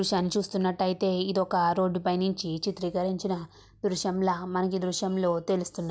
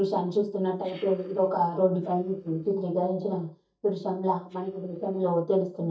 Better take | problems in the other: first | noise reduction (neural mask model DeepFilterNet 3)

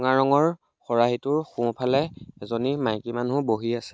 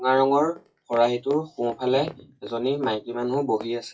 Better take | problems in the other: first | noise reduction (classical method WPE with log-MMSE)

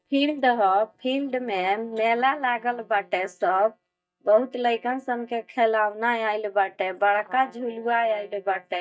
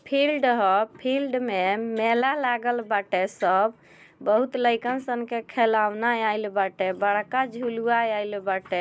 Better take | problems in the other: second | noise reduction (neural mask model DeepFilterNet 3)

